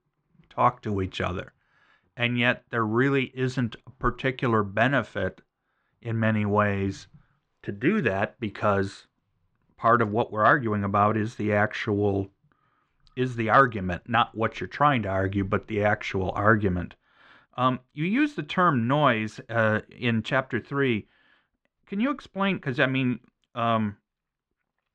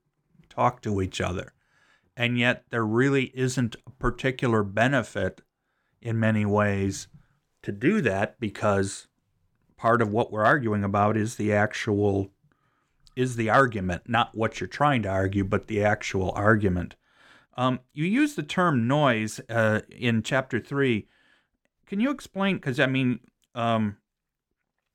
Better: second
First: muffled; slightly; fading above 3.5 kHz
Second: none

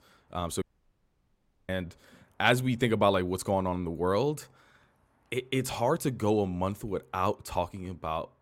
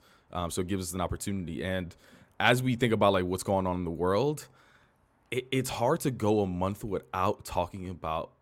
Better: second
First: audio cutting out; at 0.5 s for 1 s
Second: none

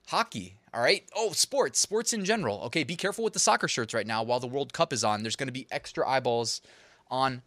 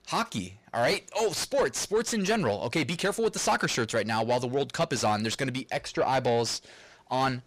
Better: first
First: none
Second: distortion; heavy; 7 dB below the speech

